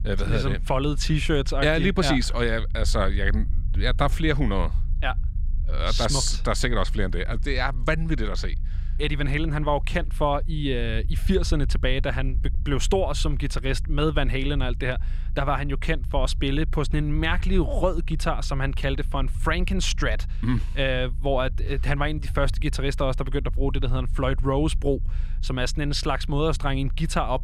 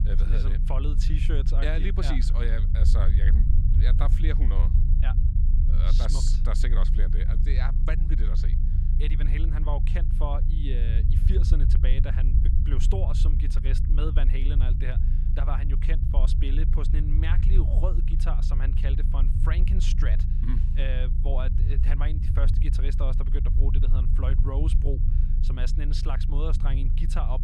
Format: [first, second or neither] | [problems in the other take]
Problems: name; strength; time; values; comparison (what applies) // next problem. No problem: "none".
first | low rumble; loud; throughout; 5 dB below the speech; faint in the first